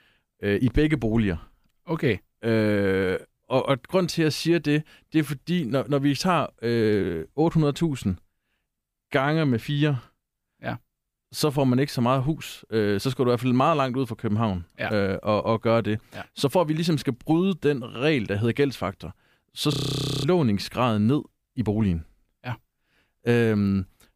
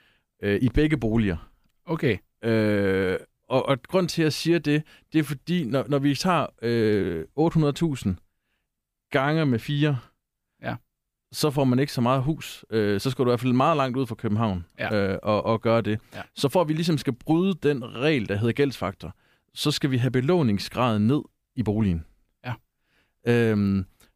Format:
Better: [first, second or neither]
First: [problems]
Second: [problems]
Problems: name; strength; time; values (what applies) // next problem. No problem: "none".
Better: second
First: audio freezing; at 20 s for 0.5 s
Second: none